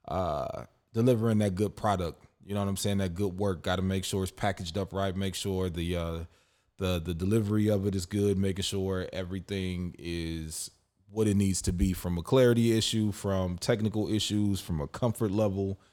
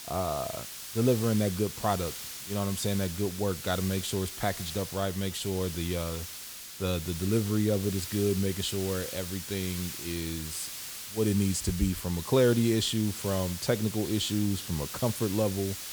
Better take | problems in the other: first | hiss; loud; throughout; 8 dB below the speech

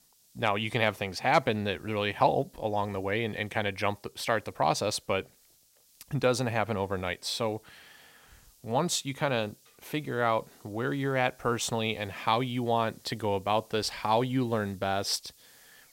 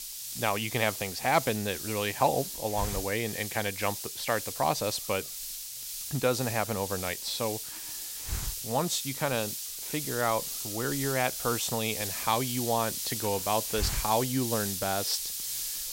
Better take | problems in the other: first | hiss; loud; throughout; 3 dB below the speech; faint in the first

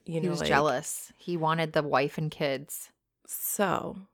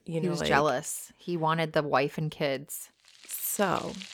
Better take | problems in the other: first | household noises; noticeable; at 3 s; 15 dB below the speech

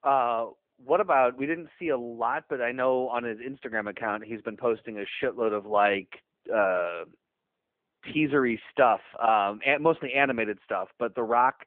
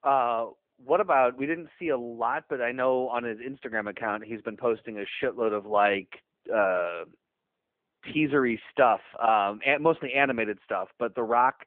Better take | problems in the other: neither | phone-call audio; the same in both

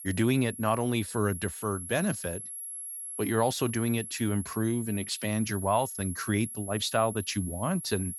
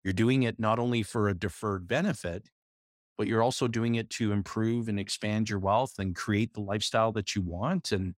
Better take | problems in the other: second | high-pitched whine; loud; throughout; 11 kHz, 8 dB below the speech

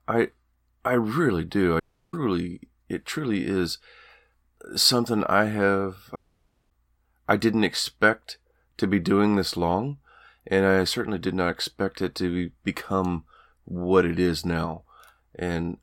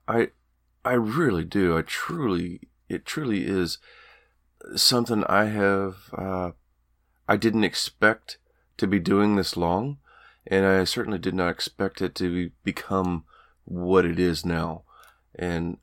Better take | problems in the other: second | audio cutting out; at 2 s and at 6 s for 0.5 s

